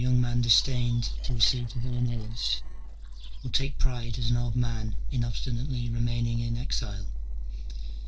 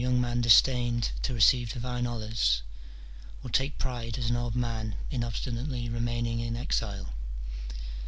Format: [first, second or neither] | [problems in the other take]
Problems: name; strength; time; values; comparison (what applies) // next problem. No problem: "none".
second | noise reduction (neural separator model SepFormer DNS4)